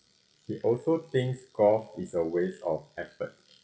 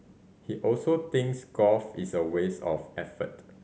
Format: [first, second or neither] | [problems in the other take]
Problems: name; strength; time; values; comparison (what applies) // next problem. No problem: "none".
second | noise reduction (classical method WPE with log-MMSE)